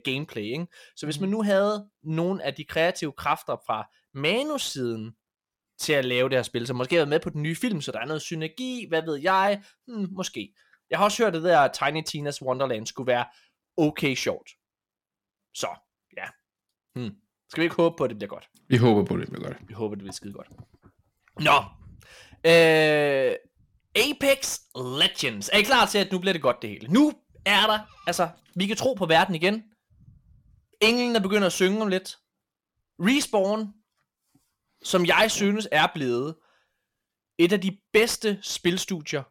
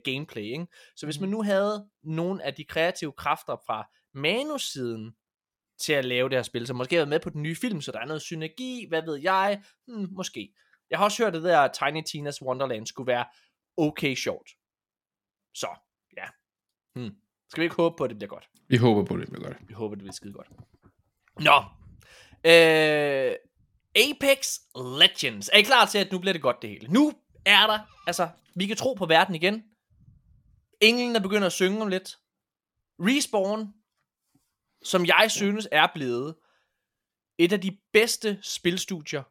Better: second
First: distortion; slight; 10 dB below the speech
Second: none

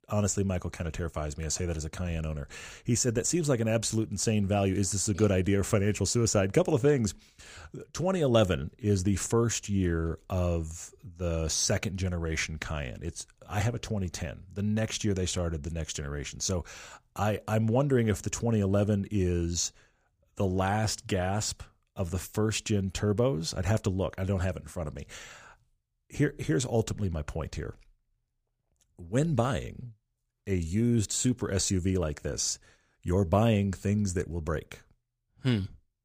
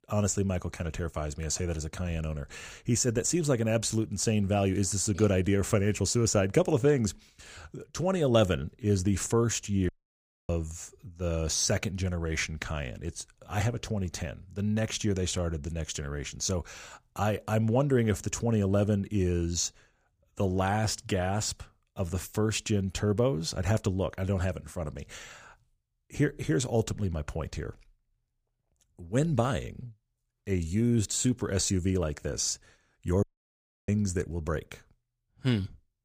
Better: first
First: none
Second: audio cutting out; at 10 s for 0.5 s and at 33 s for 0.5 s

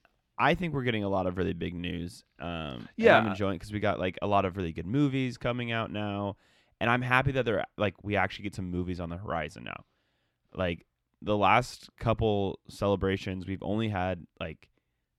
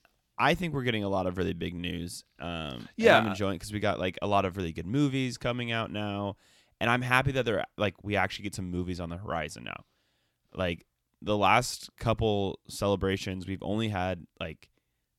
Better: second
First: muffled; very slightly; fading above 4 kHz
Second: none

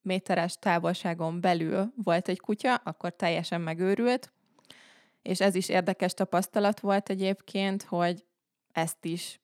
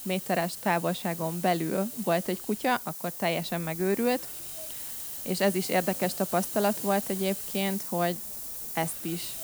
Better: first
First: none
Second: hiss; loud; throughout; 6 dB below the speech

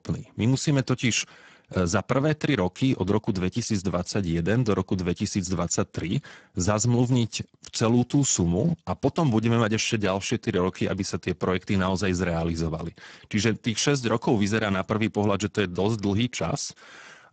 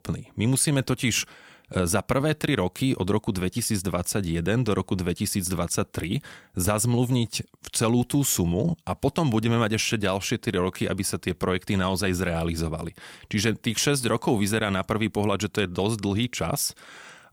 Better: second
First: garbled, watery; badly; nothing above 7.5 kHz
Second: none

